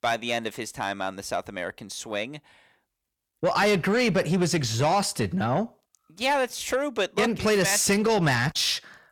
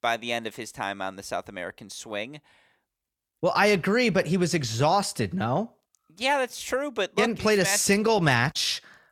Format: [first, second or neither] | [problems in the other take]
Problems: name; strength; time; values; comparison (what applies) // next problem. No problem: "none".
second | distortion; slight; 10 dB below the speech